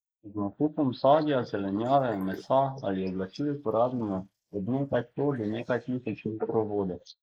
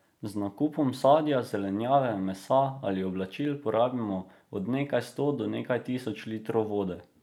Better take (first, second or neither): second